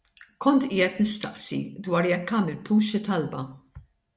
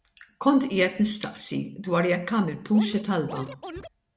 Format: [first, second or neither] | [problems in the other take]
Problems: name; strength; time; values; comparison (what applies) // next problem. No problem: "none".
first | background sound (Scratching (performance technique)); 14 dB below the speech